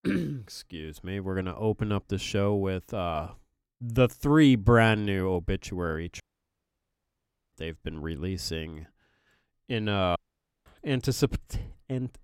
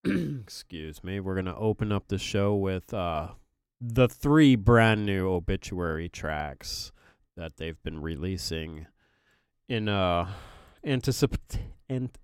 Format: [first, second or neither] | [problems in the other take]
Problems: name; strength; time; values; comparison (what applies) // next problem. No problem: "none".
second | audio cutting out; at 6 s for 1.5 s and at 10 s for 0.5 s